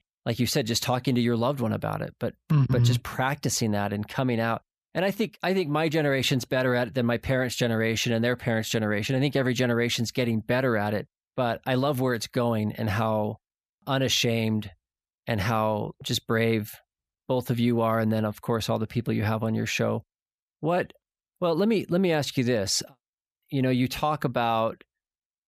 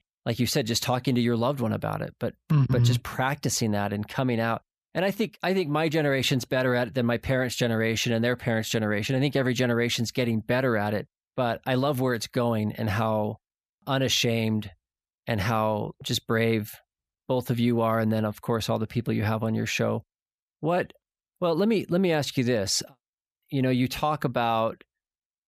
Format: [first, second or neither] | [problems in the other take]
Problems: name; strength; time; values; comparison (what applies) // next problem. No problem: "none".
neither | none